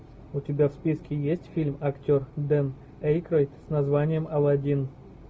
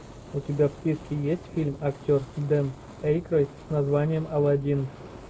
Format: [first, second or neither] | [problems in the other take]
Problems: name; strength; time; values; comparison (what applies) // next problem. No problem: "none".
first | background sound (Fire); 19 dB below the speech